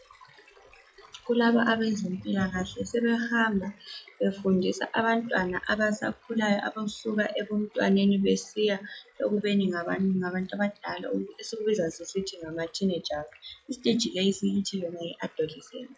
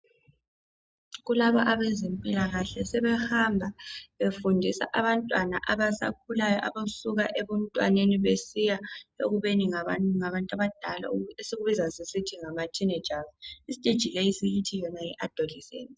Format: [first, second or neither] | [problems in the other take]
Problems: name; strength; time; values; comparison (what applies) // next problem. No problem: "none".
second | noise reduction (classical method log-MMSE)